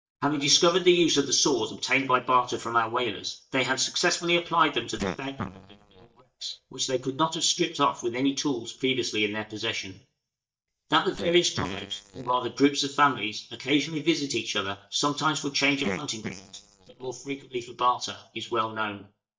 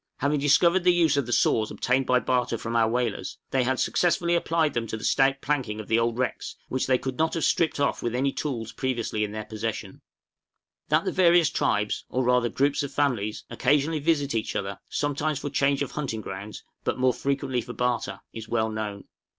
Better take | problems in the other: second | noise reduction (neural mask model DeepFilterNet 3)

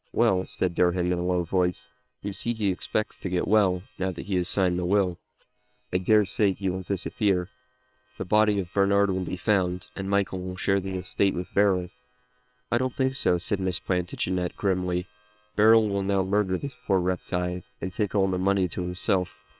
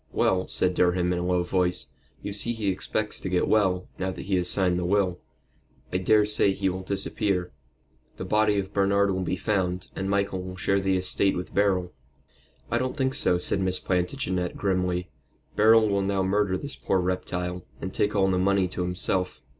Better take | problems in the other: second | noise reduction (neural separator model SepFormer WHAM!)

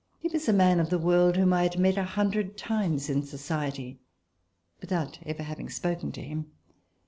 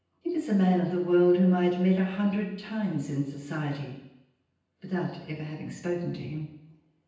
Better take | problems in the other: first | room echo; dies away in 0.9 s

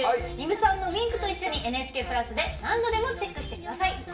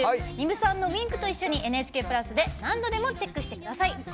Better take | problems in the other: second | room echo; dies away in 0.7 s

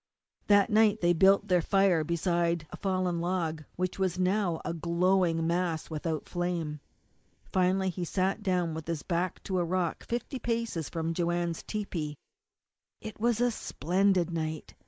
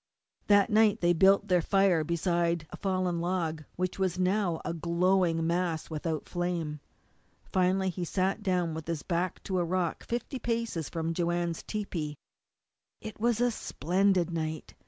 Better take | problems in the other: second | noise reduction (neural mask model Resemble Enhance denoiser)

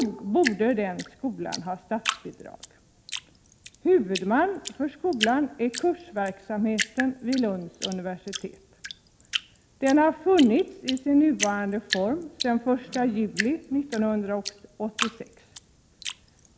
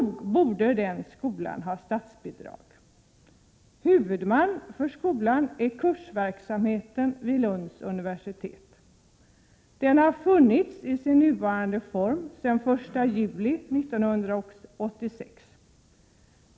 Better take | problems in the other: second | background sound (Drip); 10 dB below the speech

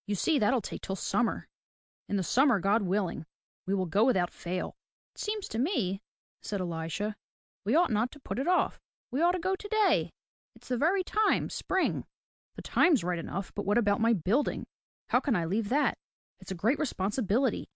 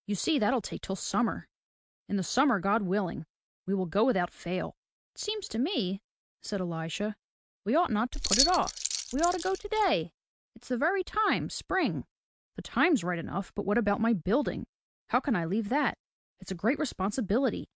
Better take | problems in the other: first | noise reduction (neural mask model RNNoise)

